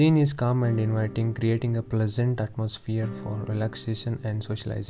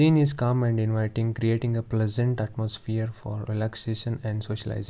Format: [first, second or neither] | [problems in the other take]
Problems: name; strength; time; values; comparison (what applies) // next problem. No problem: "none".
second | background sound (Acoustic guitar / Strum); 16 dB below the speech